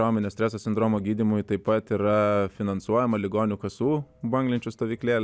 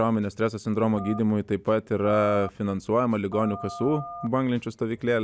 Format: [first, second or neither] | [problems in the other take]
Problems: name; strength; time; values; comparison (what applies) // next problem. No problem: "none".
first | background sound (Telephone); 15 dB below the speech